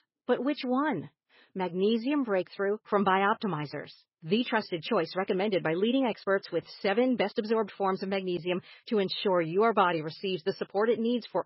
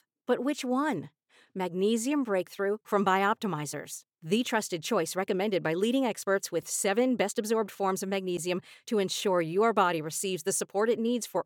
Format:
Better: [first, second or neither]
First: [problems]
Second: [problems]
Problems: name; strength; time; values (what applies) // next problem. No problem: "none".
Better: second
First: garbled, watery; badly; nothing above 5.5 kHz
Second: none